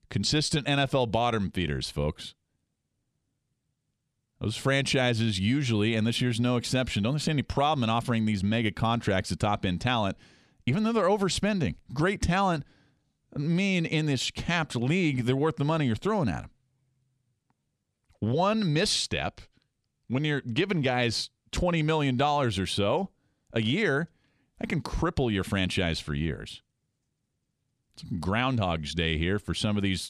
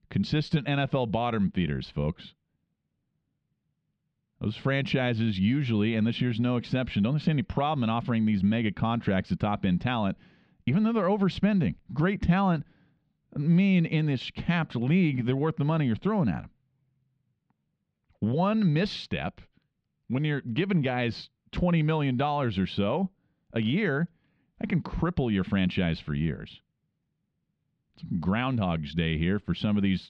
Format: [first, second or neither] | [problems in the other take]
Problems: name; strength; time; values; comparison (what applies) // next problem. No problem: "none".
first | muffled; slightly; fading above 3.5 kHz